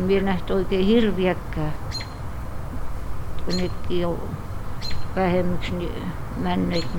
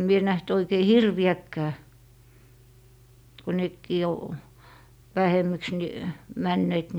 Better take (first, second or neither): second